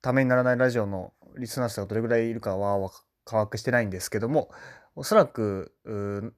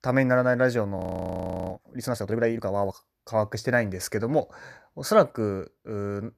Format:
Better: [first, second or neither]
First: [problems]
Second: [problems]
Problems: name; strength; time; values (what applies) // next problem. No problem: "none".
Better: first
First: none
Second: audio freezing; at 1 s for 0.5 s